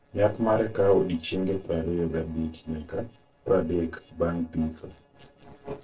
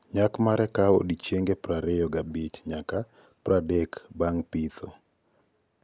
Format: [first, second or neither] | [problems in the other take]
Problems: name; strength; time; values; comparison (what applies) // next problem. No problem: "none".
second | noise reduction (neural separator model SepFormer DNS4)